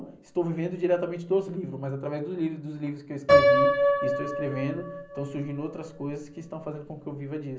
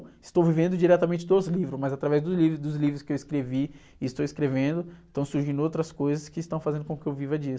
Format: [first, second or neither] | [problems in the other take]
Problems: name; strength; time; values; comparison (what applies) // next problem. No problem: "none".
second | background sound (Piano); 3 dB above the speech // room echo; dies away in 0.5 s